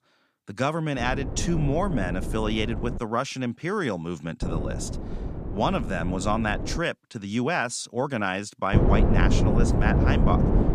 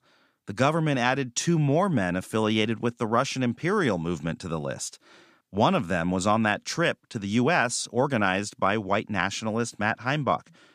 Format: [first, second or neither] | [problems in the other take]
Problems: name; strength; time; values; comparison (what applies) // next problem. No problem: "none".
second | wind noise on the microphone; heavy; from 1 to 3 s, from 4.5 to 7 s and from 8.5 s on; 5 dB below the speech